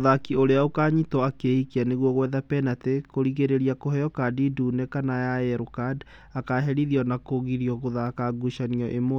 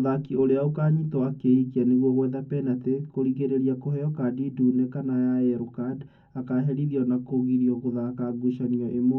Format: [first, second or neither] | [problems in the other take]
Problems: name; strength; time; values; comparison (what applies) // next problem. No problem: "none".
first | room echo; dies away in 0.3 s